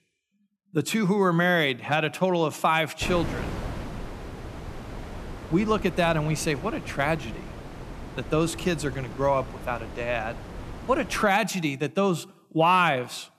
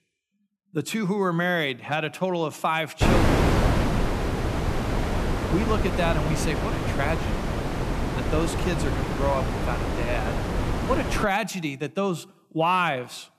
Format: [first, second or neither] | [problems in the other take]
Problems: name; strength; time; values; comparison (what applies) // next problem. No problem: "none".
first | wind noise on the microphone; heavy; from 3 to 11 s; 2 dB below the speech; occasional gusts in the first